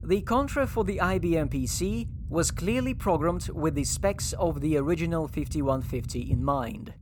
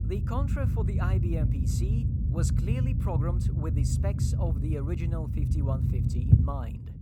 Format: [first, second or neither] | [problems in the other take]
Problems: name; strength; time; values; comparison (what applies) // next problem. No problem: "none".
first | low rumble; loud; throughout; 1 dB below the speech; faint in the first